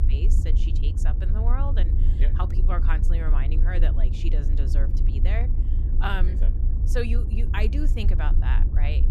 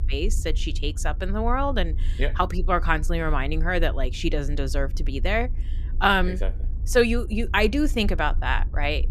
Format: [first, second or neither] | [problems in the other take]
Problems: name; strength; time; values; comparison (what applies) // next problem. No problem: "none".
second | low rumble; loud; throughout; 7 dB below the speech; faint in the second